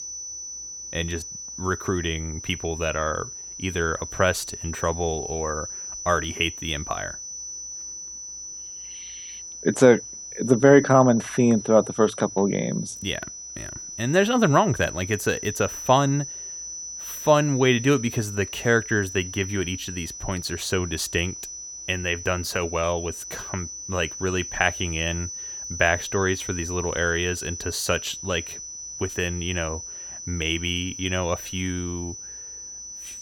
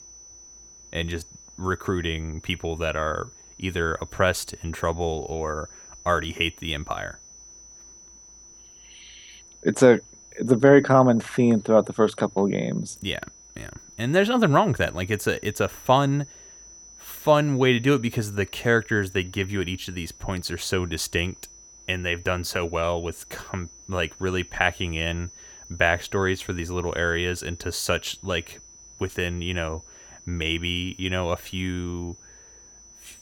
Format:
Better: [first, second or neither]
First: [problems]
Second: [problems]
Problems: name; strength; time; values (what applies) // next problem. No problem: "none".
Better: second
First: high-pitched whine; loud; throughout; 6 kHz, 10 dB below the speech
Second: high-pitched whine; faint; throughout; 6 kHz, 20 dB below the speech